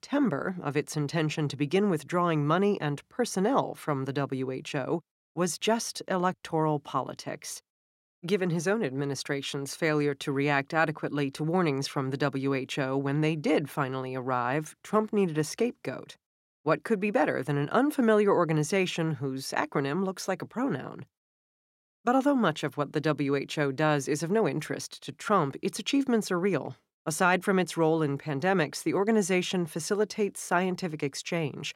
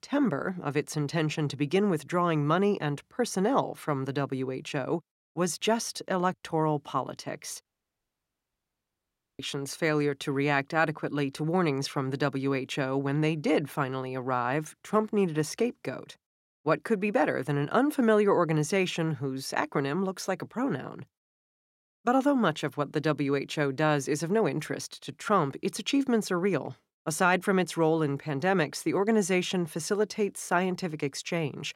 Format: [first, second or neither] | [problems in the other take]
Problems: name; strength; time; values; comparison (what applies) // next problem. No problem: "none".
first | audio cutting out; at 7.5 s for 1.5 s